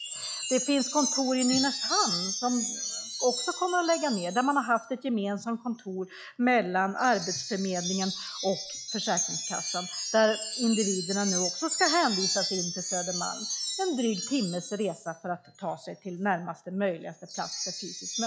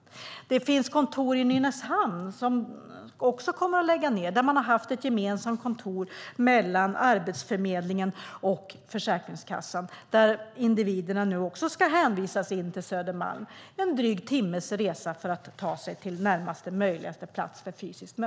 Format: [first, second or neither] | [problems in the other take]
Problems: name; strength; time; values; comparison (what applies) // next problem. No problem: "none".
second | noise reduction (classical method log-MMSE)